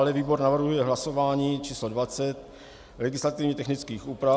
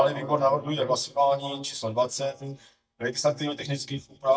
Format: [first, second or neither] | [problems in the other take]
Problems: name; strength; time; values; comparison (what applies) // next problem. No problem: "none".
first | noise reduction (neural mask model DeepFilterNet 3)